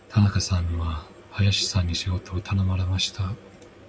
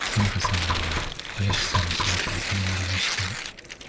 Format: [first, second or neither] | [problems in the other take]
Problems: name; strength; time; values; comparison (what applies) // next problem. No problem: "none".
first | background sound (Knock + Tearing); 1 dB above the speech